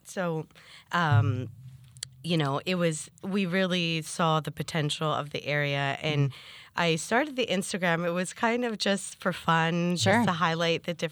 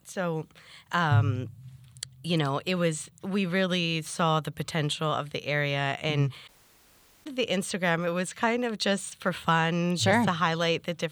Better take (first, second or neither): first